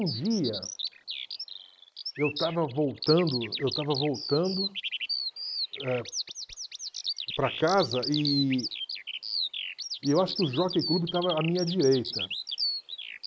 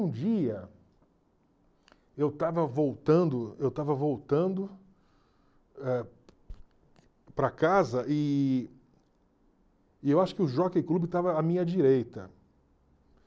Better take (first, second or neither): second